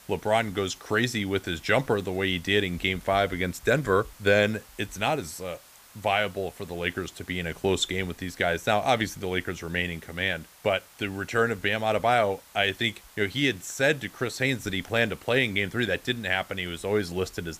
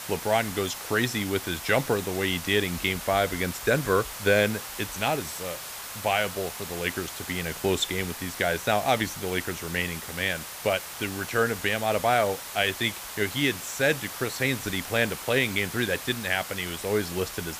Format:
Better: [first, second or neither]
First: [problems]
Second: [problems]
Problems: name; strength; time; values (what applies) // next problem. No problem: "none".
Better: first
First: hiss; faint; throughout; 25 dB below the speech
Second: hiss; loud; throughout; 9 dB below the speech